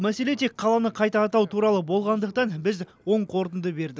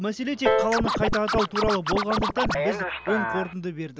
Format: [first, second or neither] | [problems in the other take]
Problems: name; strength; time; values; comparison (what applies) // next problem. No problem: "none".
first | background sound (Scratching (performance technique) + Piano); 1 dB above the speech